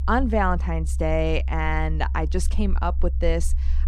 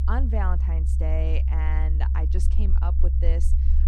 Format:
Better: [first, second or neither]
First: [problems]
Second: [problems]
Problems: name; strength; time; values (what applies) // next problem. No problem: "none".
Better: first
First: low rumble; faint; throughout; 20 dB below the speech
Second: low rumble; loud; throughout; 6 dB below the speech